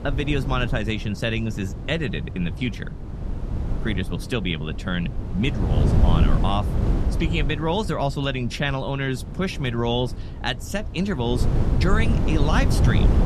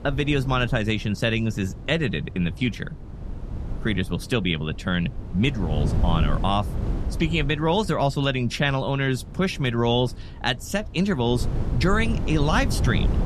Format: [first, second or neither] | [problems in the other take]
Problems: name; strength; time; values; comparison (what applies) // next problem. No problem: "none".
second | wind noise on the microphone; heavy; 8 dB below the speech; occasional gusts in the second